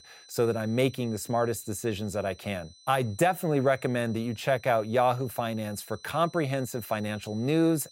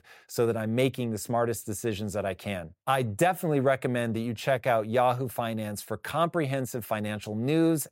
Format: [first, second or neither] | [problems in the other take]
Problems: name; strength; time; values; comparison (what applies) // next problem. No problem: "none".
second | high-pitched whine; faint; throughout; 4 kHz, 25 dB below the speech